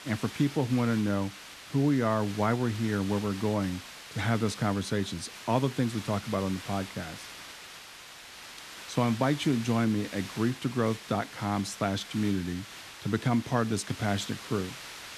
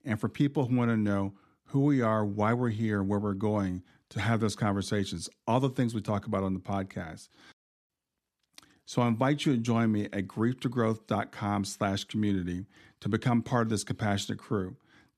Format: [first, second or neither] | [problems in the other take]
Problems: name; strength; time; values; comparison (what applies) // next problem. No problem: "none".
second | hiss; noticeable; throughout; 15 dB below the speech